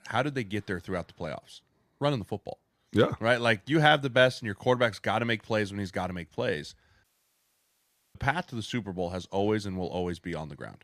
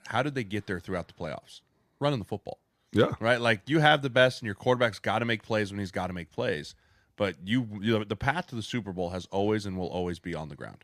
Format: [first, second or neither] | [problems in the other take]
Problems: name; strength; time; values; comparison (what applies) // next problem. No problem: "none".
second | audio cutting out; at 7 s for 1 s